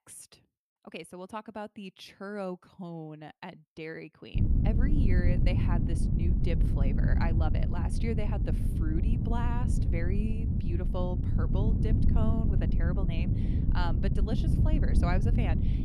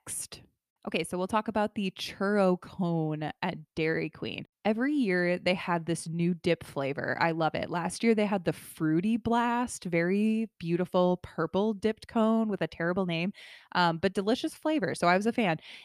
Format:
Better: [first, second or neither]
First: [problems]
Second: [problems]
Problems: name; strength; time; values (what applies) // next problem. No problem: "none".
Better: second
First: wind noise on the microphone; heavy; from 4.5 s on; 1 dB below the speech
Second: none